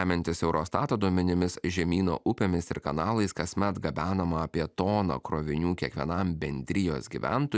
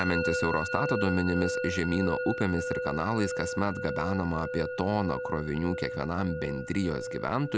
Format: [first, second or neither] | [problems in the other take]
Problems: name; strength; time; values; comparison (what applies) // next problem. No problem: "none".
first | background sound (Musical instrument); 5 dB below the speech